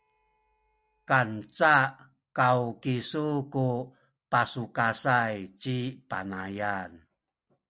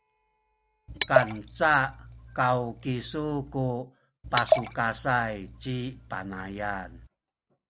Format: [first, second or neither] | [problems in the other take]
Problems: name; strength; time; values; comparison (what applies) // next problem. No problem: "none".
first | background sound (Liquid); 3 dB below the speech